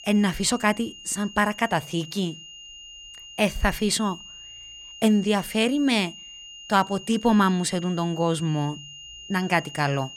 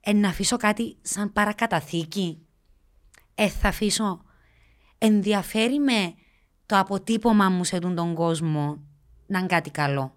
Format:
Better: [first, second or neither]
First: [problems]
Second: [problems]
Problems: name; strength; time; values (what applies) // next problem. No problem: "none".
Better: second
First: high-pitched whine; noticeable; throughout; 3 kHz, 15 dB below the speech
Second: none